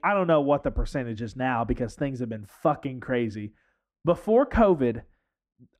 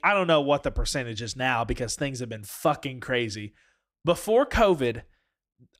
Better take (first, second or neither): second